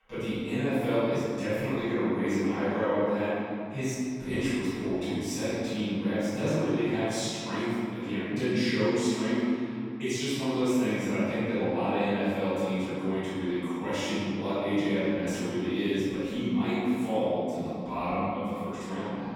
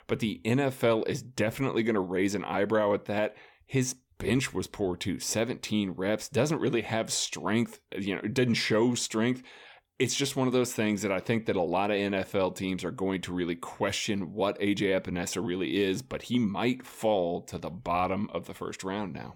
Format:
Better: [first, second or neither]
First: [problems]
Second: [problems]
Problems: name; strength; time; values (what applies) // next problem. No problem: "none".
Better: second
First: room echo; strong; dies away in 2.4 s // off-mic speech; far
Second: none